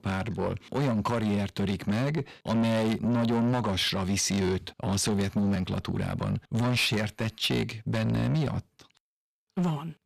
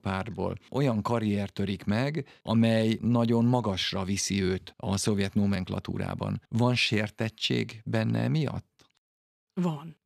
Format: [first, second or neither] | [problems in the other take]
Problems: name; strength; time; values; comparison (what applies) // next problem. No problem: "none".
second | distortion; heavy; 7 dB below the speech